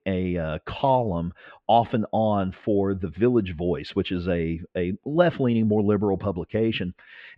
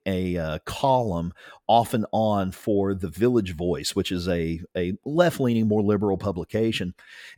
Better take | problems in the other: second | muffled; very; fading above 3 kHz

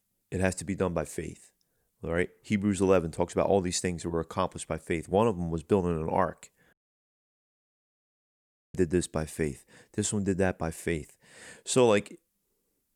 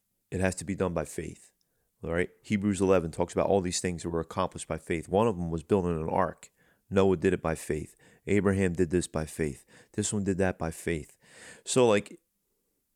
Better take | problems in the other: second | audio cutting out; at 6.5 s for 2 s

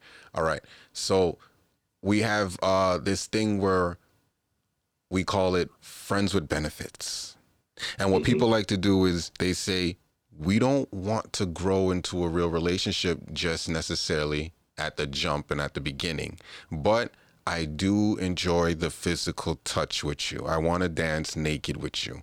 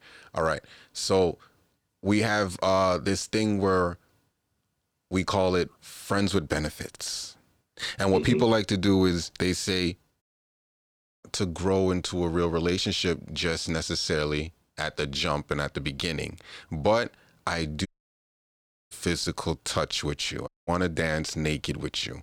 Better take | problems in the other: first | audio cutting out; at 10 s for 1 s, at 18 s for 1 s and at 20 s

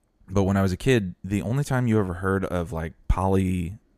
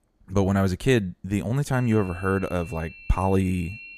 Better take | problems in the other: first | high-pitched whine; noticeable; from 1.5 s on; 2.5 kHz, 20 dB below the speech

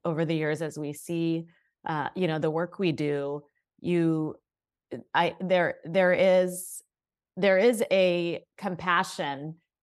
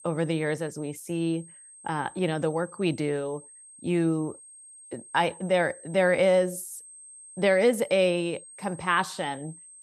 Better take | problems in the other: first | high-pitched whine; noticeable; throughout; 8.5 kHz, 20 dB below the speech

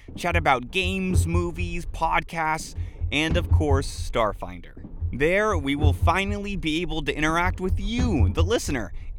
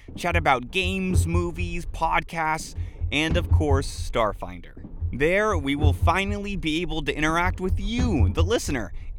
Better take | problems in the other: neither | low rumble; noticeable; throughout; 20 dB below the speech; the same in both

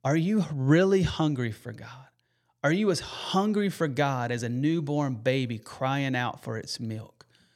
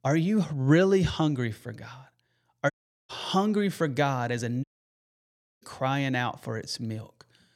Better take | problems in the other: first | audio cutting out; at 2.5 s and at 4.5 s for 1 s

